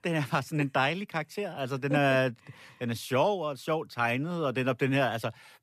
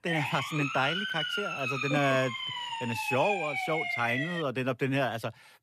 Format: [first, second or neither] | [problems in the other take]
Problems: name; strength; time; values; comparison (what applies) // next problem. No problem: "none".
first | siren; loud; until 4.5 s; peak 1 dB above the speech